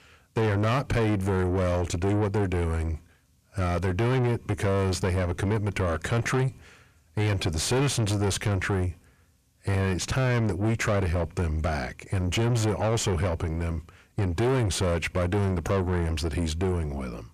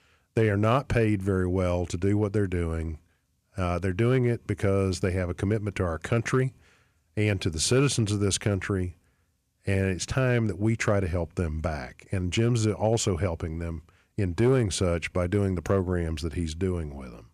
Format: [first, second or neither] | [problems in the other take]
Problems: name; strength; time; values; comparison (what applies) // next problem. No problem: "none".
second | distortion; heavy; 6 dB below the speech